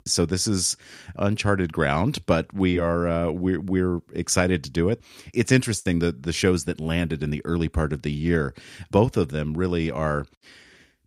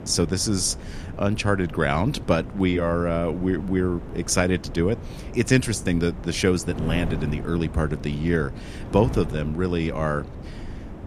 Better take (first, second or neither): first